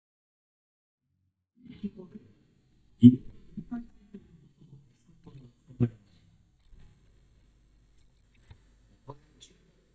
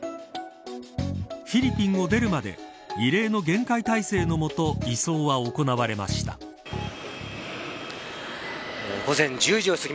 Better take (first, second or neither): second